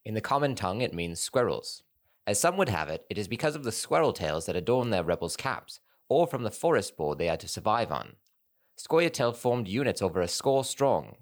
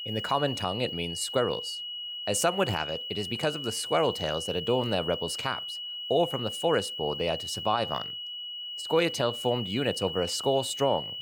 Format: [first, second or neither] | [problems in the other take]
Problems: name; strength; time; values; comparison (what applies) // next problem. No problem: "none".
first | high-pitched whine; loud; throughout; 3 kHz, 5 dB below the speech